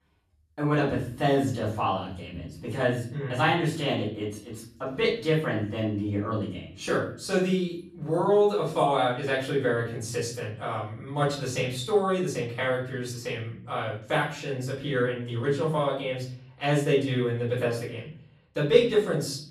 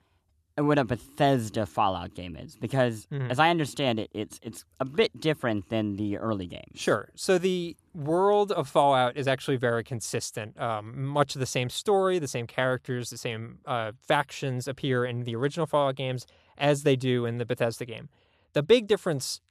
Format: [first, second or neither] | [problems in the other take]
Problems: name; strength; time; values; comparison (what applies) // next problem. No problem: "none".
second | off-mic speech; far // room echo; slight; dies away in 0.5 s